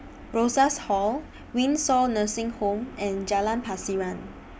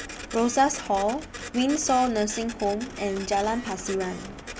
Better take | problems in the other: first | background sound (Printer); 14 dB below the speech

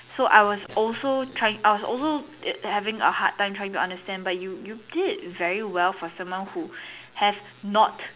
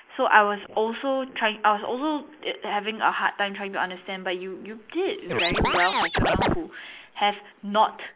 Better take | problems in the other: first | noise reduction (neural mask model Resemble Enhance denoiser)

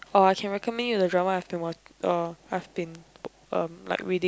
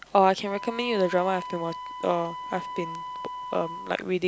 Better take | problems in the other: first | background sound (Wind instrument, woodwind instrument); 10 dB below the speech

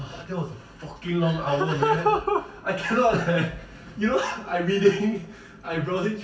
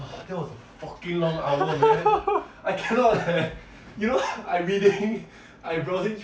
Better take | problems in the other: second | room echo; dies away in 1.3 s

